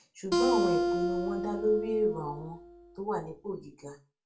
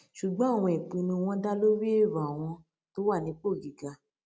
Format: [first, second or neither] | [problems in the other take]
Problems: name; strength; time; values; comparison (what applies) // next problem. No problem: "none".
second | background sound (Acoustic guitar); 1 dB above the speech // room echo; dies away in 0.2 s